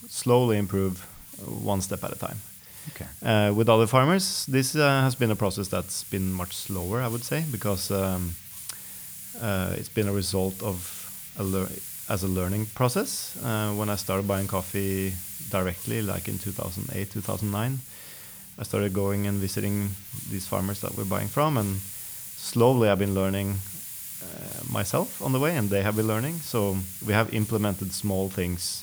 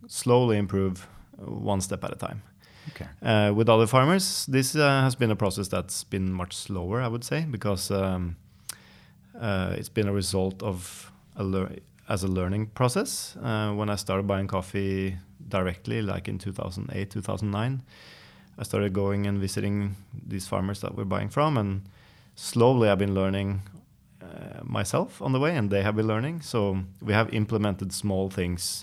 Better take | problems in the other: second | hiss; noticeable; throughout; 10 dB below the speech

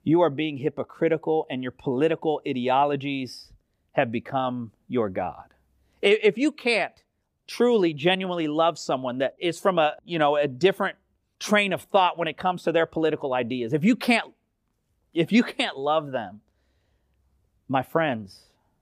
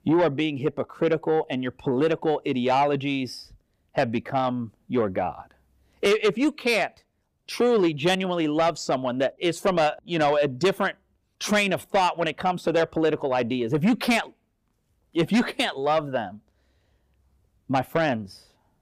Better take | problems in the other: first | distortion; slight; 10 dB below the speech

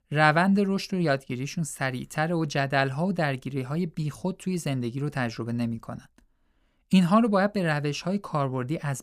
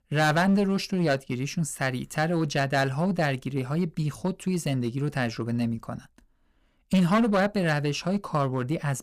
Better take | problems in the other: first | distortion; slight; 7% of the sound clipped

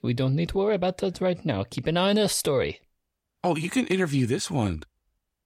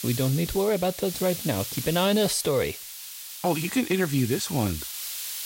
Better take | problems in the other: first | hiss; loud; throughout; 8 dB below the speech

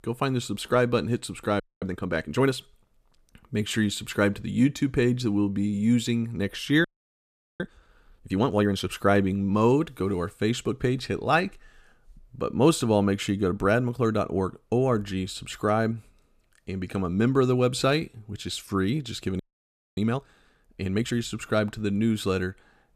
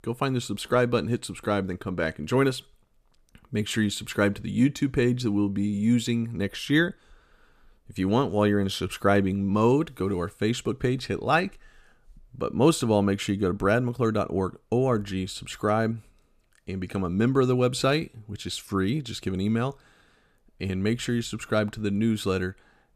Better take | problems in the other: second | audio freezing; at 1.5 s, at 7 s for 1 s and at 19 s for 0.5 s

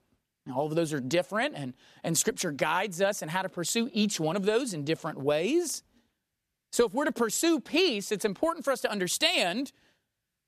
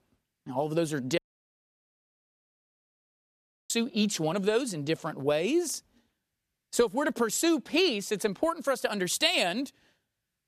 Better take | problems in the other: first | audio cutting out; at 1 s for 2.5 s

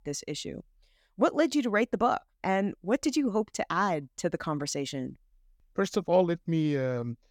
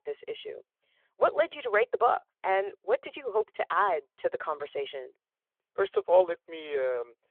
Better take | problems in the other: first | phone-call audio

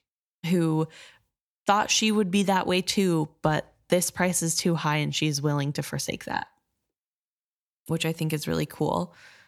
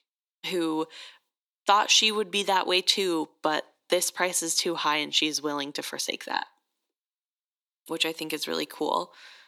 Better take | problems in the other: first | thin; somewhat; fading below 300 Hz

